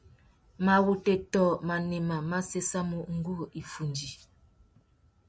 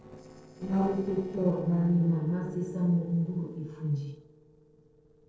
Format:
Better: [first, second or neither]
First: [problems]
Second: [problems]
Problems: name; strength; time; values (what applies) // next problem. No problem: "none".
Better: first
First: none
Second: noise reduction (neural separator model SepFormer DNS4)